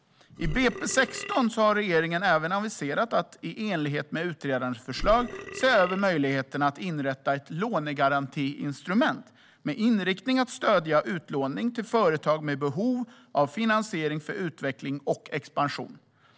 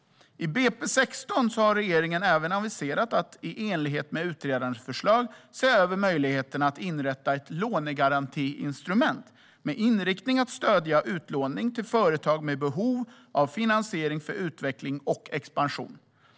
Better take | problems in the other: second | background sound (Burping, eructation); 9 dB below the speech

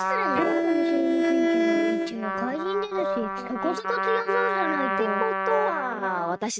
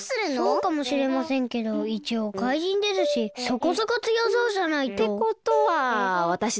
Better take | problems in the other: second | noise reduction (neural mask model RNNoise)

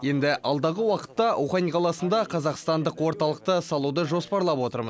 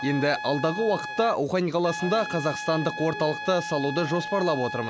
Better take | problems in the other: first | background sound (Trumpet); 9 dB below the speech

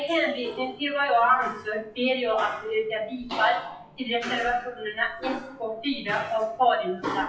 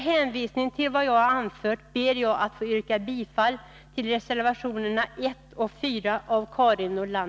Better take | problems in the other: second | noise reduction (classical method WPE with log-MMSE)

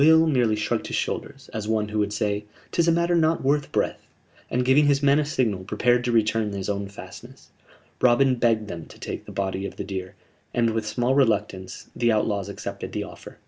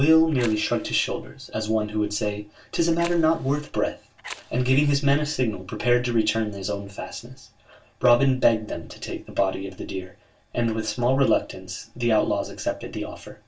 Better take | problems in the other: first | background sound (Fire); 19 dB below the speech // room echo; dies away in 0.2 s

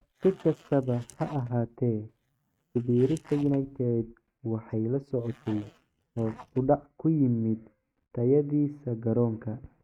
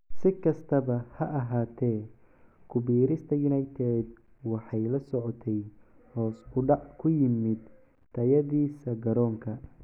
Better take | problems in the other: second | noise reduction (neural mask model RNNoise)

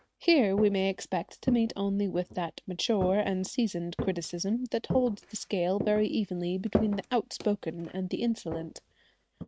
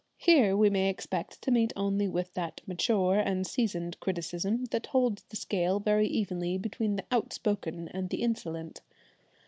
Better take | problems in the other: second | noise reduction (neural mask model RNNoise)

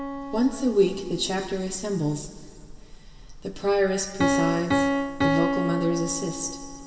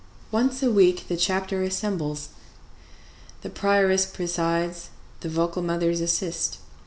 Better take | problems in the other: second | background sound (Piano); 2 dB below the speech // room echo; dies away in 2.2 s

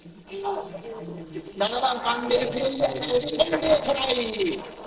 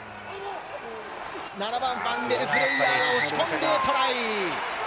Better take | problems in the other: second | noise reduction (neural separator model SepFormer DNS4)

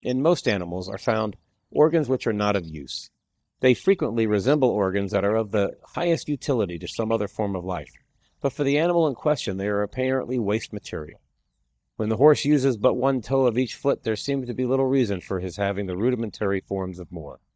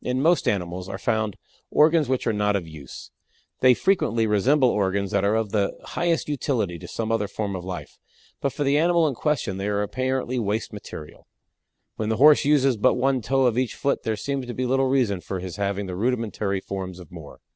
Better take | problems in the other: second | noise reduction (neural mask model DeepFilterNet 3)

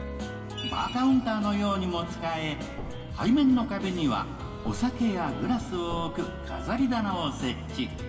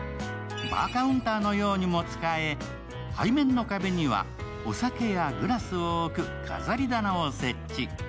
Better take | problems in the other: second | background sound (Thump, thud); 14 dB below the speech // room echo; dies away in 2.3 s

